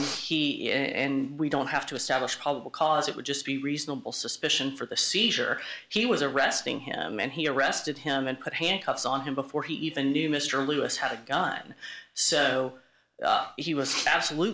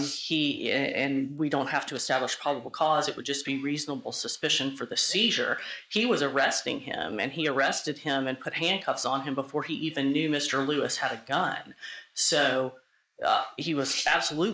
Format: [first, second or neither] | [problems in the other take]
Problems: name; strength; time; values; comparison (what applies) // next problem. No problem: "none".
first | noise reduction (neural mask model Resemble Enhance denoiser)